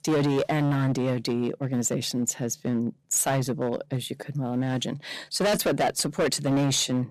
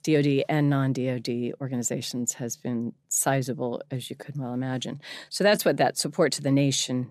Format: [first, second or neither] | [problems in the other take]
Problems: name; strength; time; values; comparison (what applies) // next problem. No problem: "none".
second | distortion; heavy; 13% of the sound clipped